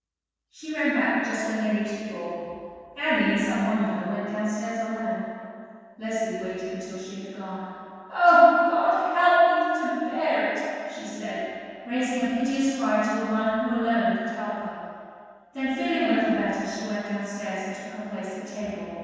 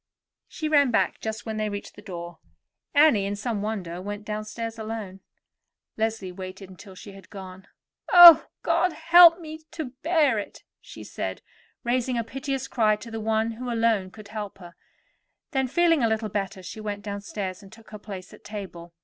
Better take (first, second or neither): second